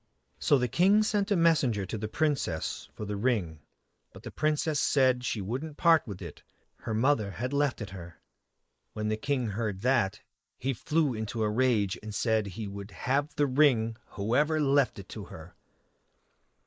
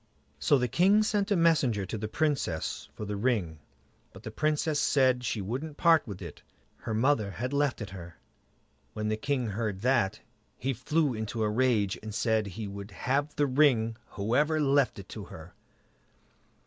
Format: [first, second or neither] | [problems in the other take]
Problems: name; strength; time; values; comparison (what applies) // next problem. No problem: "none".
second | noise reduction (neural mask model Resemble Enhance denoiser)